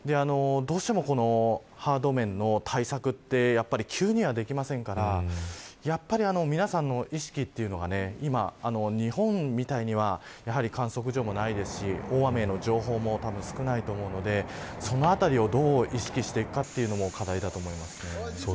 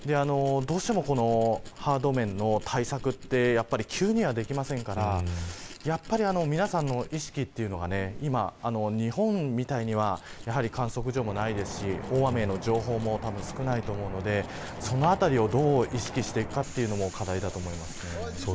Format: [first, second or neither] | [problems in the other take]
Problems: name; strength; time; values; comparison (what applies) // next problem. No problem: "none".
first | background sound (Tools); 16 dB below the speech